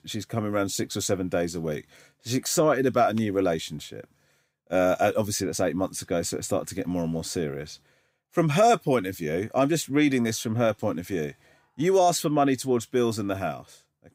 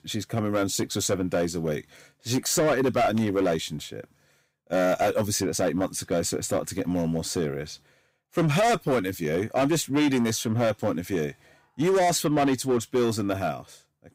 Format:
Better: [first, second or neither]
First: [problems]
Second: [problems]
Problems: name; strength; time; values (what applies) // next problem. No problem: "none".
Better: first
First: none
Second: distortion; slight; 9% of the sound clipped